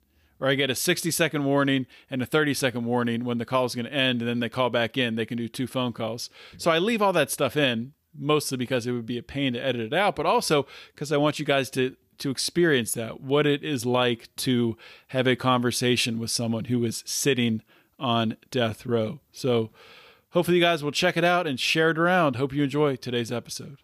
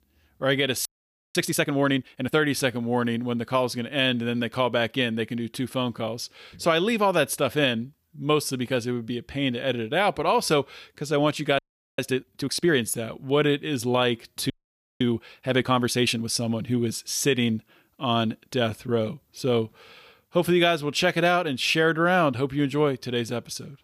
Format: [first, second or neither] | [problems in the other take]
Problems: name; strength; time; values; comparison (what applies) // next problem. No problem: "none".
first | audio freezing; at 1 s for 0.5 s, at 12 s and at 15 s for 0.5 s